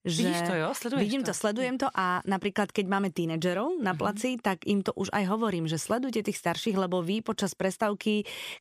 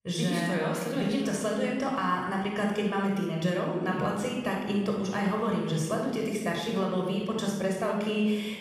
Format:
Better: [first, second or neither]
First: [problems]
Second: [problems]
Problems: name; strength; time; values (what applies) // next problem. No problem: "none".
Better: first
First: none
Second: off-mic speech; somewhat distant // room echo; noticeable; dies away in 1.4 s